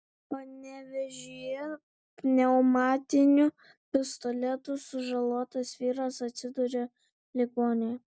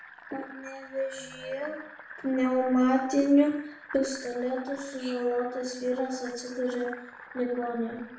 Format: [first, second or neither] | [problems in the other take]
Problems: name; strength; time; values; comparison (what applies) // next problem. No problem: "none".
first | background sound (Fill (with liquid)); 17 dB below the speech // room echo; dies away in 0.6 s